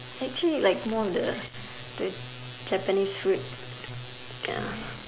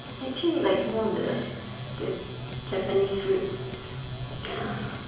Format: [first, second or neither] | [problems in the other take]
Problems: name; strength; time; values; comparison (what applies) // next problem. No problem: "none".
first | background sound (Motor vehicle (road)); 14 dB below the speech // room echo; dies away in 1 s